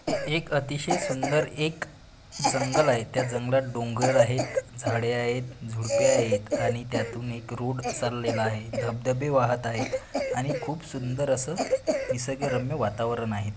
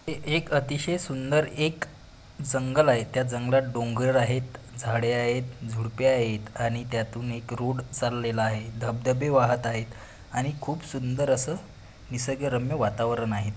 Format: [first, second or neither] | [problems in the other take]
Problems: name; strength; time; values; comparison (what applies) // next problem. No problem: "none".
second | background sound (Cough); 3 dB below the speech